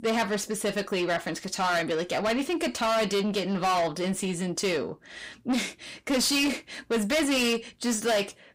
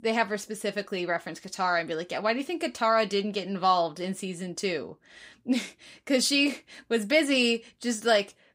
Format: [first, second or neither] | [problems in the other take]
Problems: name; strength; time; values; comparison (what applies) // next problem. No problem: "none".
second | distortion; heavy; 6 dB below the speech